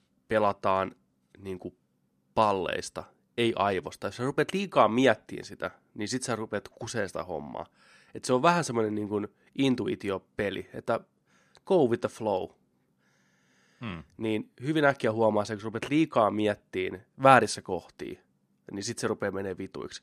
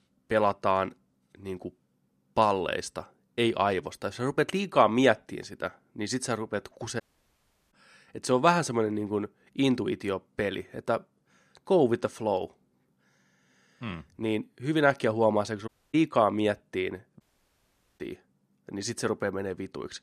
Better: first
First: none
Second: audio cutting out; at 7 s for 0.5 s, at 16 s and at 17 s for 1 s

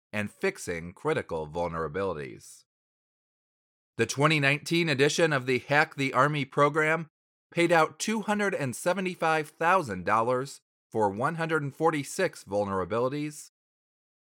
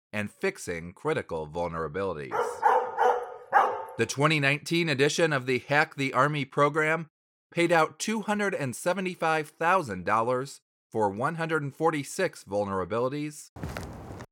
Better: first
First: none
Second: dog barking; loud; from 2.5 to 4 s; peak 4 dB above the speech // footsteps; faint; at 14 s; peak 10 dB below the speech

